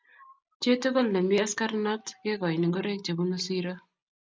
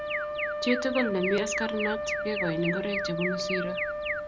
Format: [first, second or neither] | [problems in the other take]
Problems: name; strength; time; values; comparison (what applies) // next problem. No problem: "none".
first | background sound (Wind instrument, woodwind instrument + Alarm); as loud as the speech